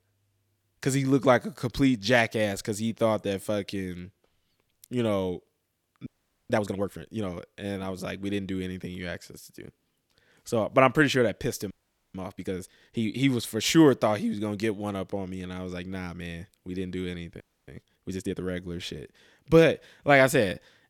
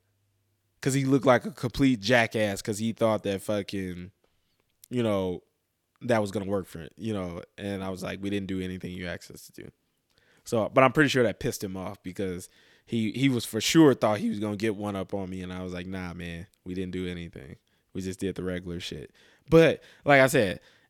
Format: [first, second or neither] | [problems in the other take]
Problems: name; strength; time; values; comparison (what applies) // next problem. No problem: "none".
second | audio freezing; at 6 s, at 12 s and at 17 s